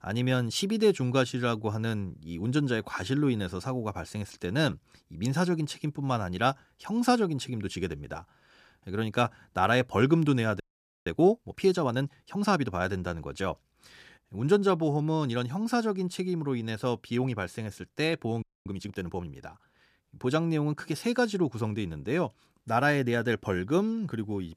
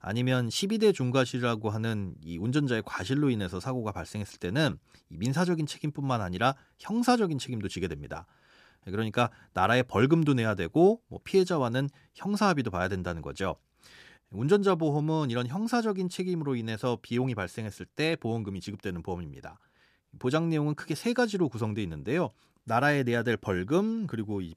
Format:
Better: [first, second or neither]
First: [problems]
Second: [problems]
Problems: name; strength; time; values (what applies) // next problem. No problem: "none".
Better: second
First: audio freezing; at 11 s and at 18 s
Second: none